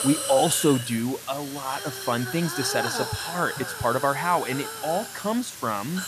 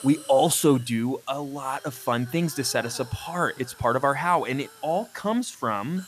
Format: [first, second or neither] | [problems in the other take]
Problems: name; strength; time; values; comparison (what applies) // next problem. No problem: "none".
second | hiss; loud; throughout; 6 dB below the speech; faint in the second